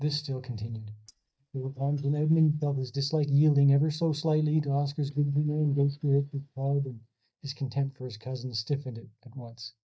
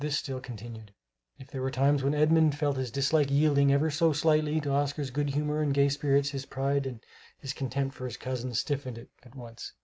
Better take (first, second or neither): second